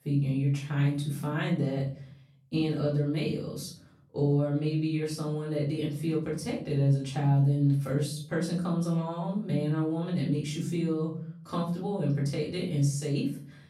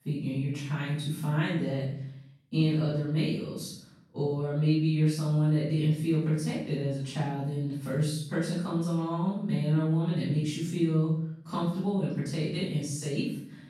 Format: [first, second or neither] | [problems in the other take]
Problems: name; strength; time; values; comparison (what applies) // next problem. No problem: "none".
first | room echo; strong; dies away in 0.6 s; slight in the first // off-mic speech; far; far in the first